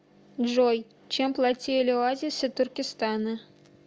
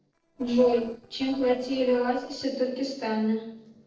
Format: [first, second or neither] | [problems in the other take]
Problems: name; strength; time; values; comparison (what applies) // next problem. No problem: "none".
first | noise reduction (neural separator model SepFormer DNS4)